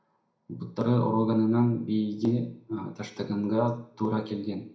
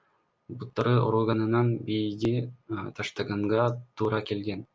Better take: second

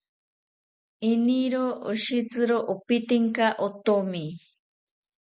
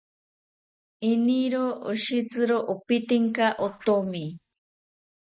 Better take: first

